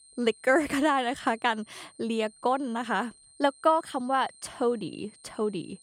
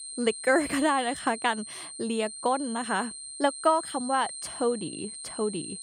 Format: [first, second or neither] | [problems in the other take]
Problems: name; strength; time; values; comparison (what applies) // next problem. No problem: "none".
first | high-pitched whine; loud; throughout; 8.5 kHz, 9 dB below the speech; faint in the first